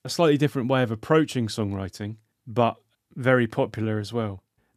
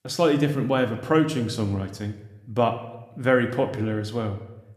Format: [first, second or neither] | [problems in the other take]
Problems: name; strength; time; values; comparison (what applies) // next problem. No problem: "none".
first | room echo; slight; dies away in 0.7 s